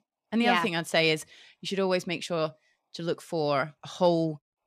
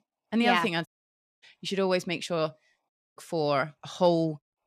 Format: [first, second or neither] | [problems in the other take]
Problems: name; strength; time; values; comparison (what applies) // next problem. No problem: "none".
first | audio cutting out; at 1 s for 0.5 s and at 3 s